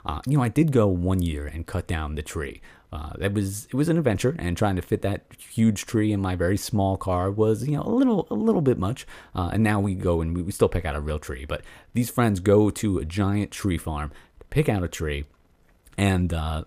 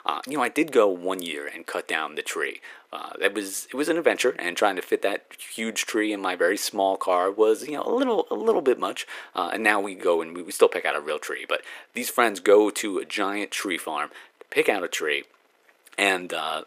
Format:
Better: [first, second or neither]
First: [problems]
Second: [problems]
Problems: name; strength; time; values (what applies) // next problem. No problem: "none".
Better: first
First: none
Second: thin; very; fading below 350 Hz